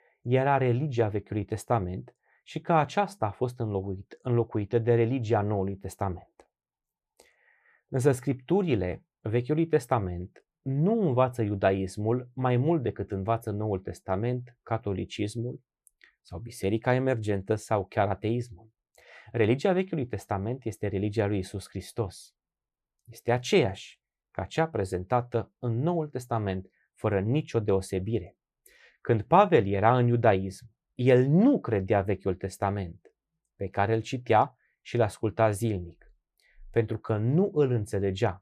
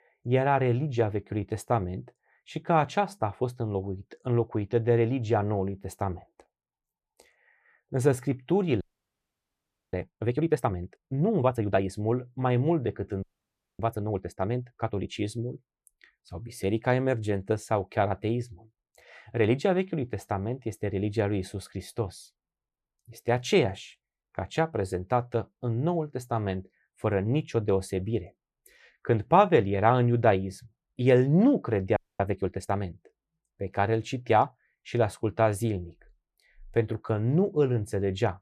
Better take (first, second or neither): first